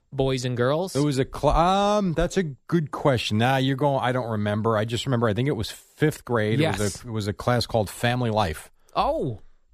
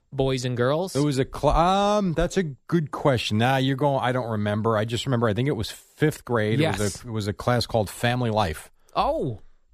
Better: neither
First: none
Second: none

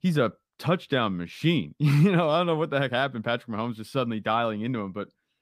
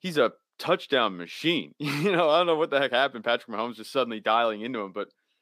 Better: first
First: none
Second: thin; somewhat; fading below 400 Hz

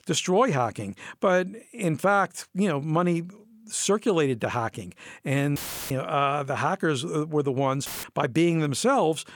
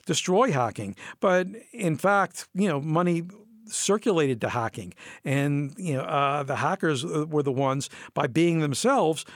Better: second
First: audio cutting out; filled with static; at 5.5 s and at 8 s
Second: none

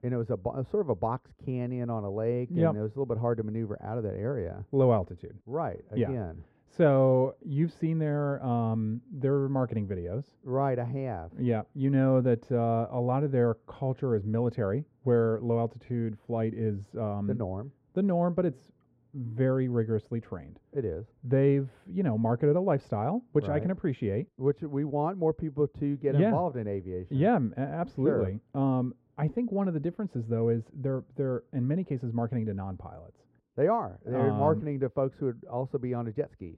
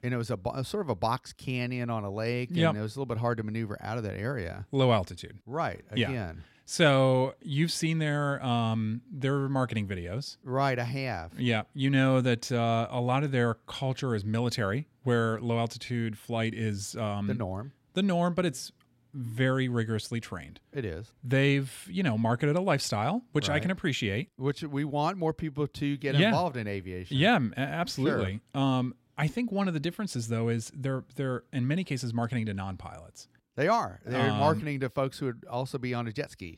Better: second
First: muffled; very; fading above 2 kHz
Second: none

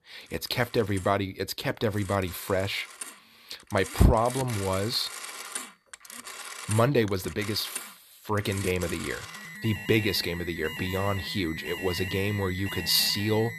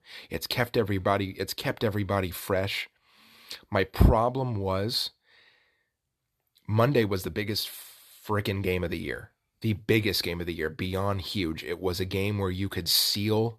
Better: second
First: alarms or sirens; loud; throughout; 10 dB below the speech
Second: none

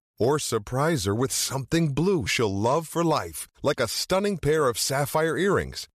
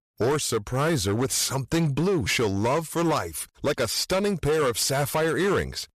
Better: first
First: none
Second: distortion; slight; 14% of the sound clipped

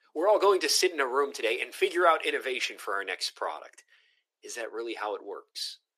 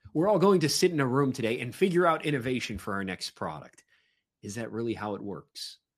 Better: second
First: thin; very; fading below 400 Hz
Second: none

